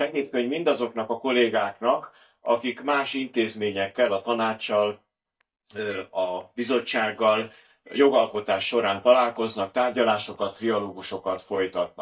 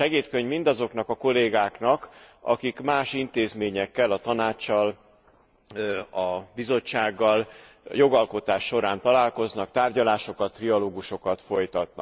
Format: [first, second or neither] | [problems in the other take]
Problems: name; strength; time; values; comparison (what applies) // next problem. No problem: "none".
second | noise reduction (neural mask model DeepFilterNet 3)